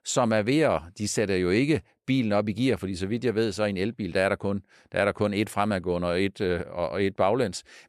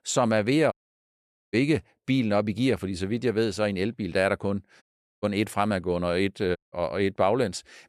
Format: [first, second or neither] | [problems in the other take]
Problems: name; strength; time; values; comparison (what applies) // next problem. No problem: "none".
first | audio cutting out; at 0.5 s for 1 s, at 5 s and at 6.5 s